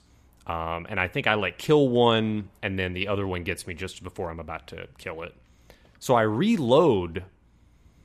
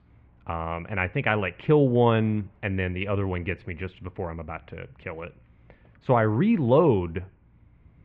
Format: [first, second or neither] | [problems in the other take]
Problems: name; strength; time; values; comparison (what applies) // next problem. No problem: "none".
first | muffled; very; fading above 2.5 kHz